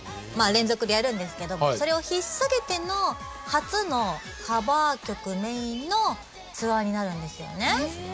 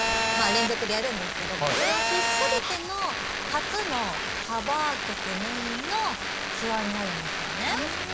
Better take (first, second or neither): first